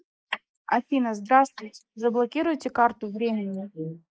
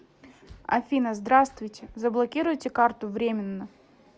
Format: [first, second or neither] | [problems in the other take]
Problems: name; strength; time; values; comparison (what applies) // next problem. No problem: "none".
second | noise reduction (neural mask model Resemble Enhance denoiser)